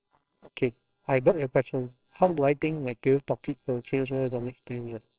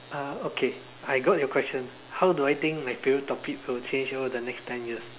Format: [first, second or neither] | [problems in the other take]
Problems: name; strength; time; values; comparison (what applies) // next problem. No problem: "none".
second | noise reduction (neural separator model SepFormer WHAMR!)